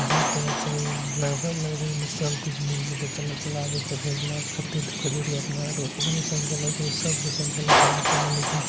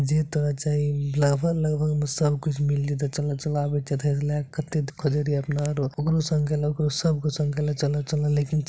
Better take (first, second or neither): second